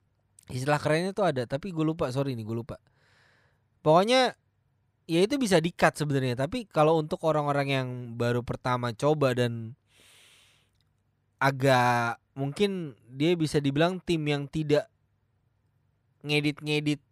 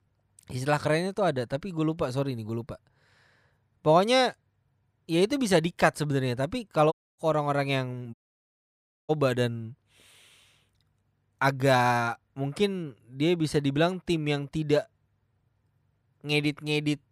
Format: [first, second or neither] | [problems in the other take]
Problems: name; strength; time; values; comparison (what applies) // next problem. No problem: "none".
first | audio cutting out; at 7 s and at 8 s for 1 s